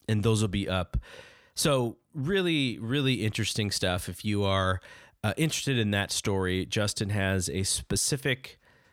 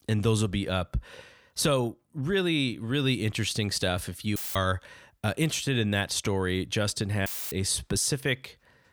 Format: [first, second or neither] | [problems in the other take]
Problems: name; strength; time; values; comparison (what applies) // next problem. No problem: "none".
first | audio cutting out; filled with static; at 4.5 s and at 7.5 s